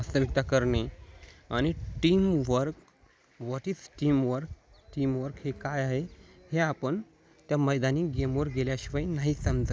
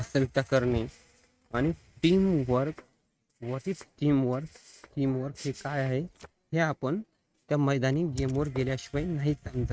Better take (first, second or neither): first